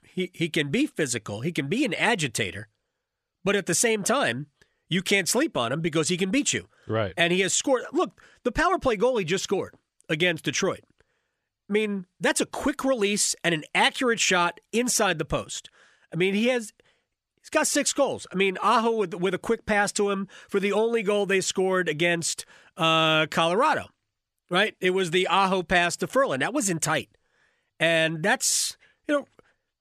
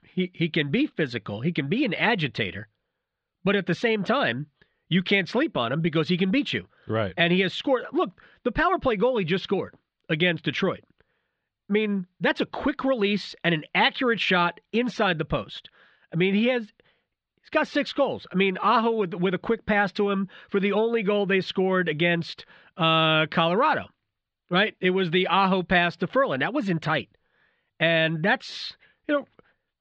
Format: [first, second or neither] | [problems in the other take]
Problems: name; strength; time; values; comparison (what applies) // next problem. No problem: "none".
first | muffled; slightly; fading above 4 kHz